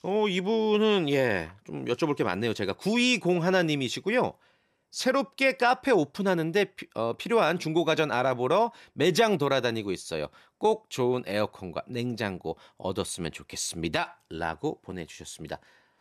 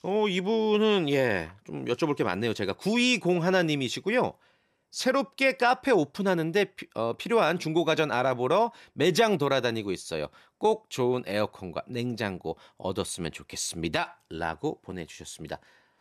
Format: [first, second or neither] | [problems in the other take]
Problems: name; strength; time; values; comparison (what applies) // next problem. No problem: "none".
neither | none